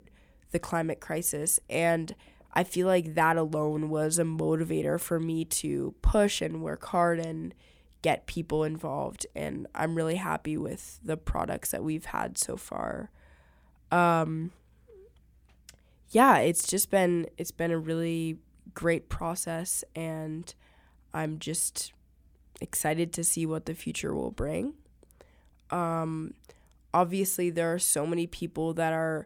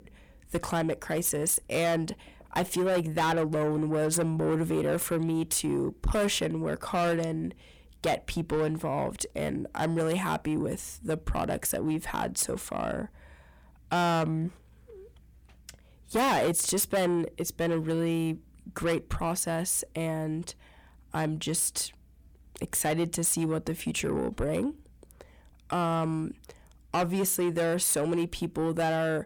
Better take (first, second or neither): first